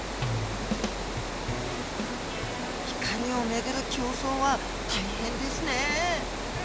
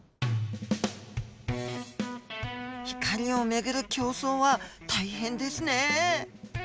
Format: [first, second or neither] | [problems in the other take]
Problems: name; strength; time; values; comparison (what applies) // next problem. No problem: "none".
second | background sound (Water); 1 dB below the speech